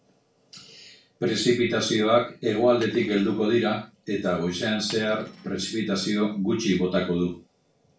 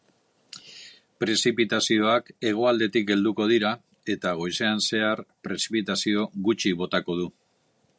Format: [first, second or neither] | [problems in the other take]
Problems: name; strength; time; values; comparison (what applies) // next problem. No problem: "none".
second | background sound (Cutlery, silverware); 19 dB below the speech // room echo; dies away in 0.3 s